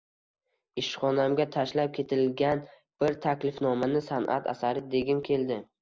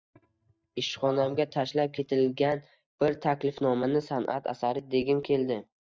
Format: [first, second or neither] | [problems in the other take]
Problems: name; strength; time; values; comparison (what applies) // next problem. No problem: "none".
first | noise reduction (neural mask model DeepFilterNet 3)